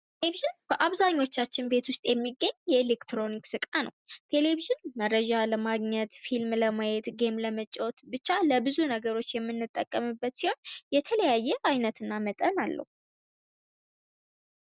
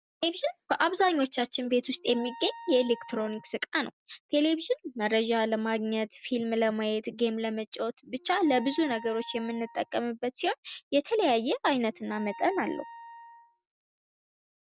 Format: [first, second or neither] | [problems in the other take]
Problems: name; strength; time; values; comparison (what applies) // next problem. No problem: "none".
first | background sound (Wind instrument, woodwind instrument); 19 dB below the speech